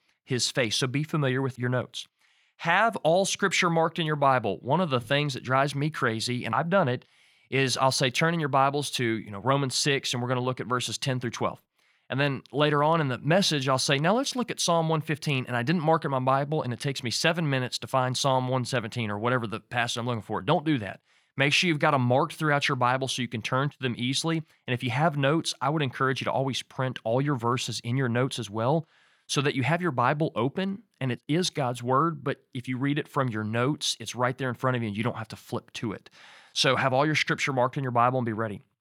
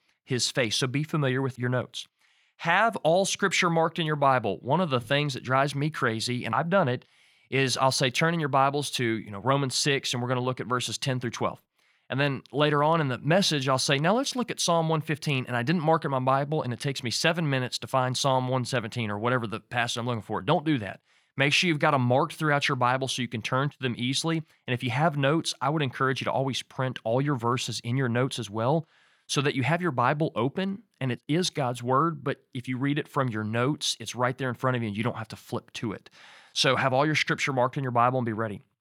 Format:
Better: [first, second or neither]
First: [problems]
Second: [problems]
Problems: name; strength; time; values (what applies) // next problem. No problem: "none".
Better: neither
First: none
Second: none